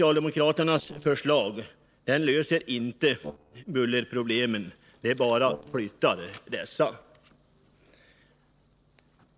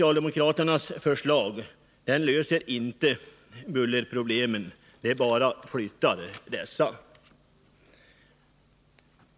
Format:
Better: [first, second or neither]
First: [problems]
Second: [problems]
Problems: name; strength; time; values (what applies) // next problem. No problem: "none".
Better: second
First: noise reduction (neural separator model SepFormer DNS4)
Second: none